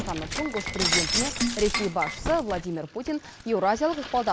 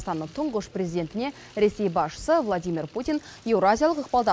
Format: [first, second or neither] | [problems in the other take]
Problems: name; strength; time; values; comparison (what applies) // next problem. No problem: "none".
second | background sound (Shatter); 3 dB below the speech